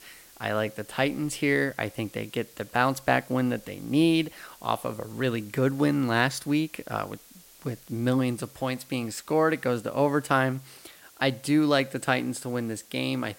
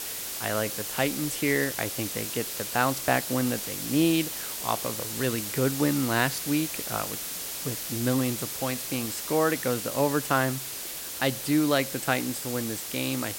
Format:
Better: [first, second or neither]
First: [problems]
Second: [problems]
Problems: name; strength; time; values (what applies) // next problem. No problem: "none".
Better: first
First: hiss; faint; throughout; 25 dB below the speech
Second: hiss; loud; throughout; 4 dB below the speech